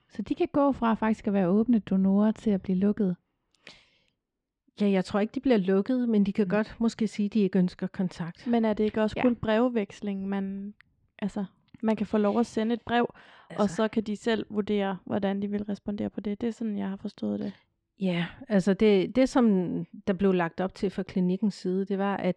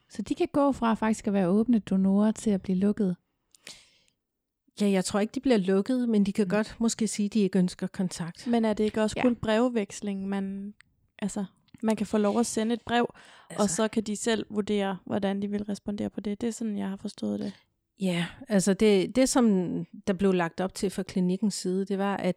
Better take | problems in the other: second | muffled; slightly; fading above 3.5 kHz

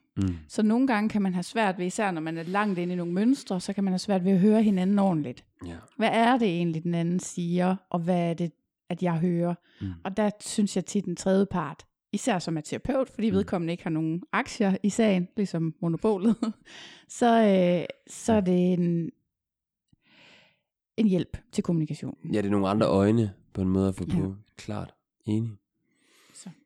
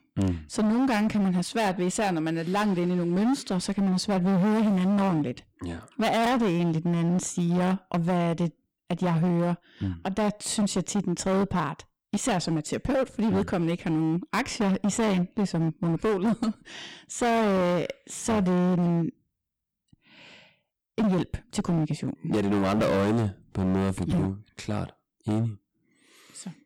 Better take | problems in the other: first | distortion; heavy; 19% of the sound clipped

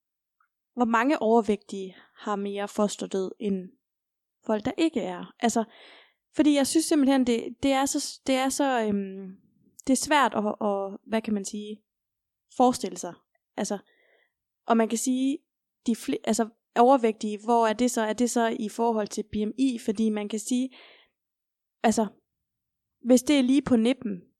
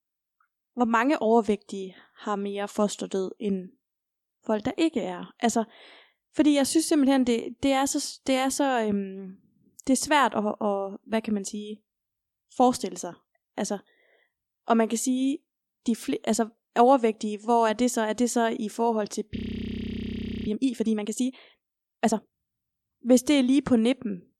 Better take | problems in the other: first | audio freezing; at 19 s for 1 s

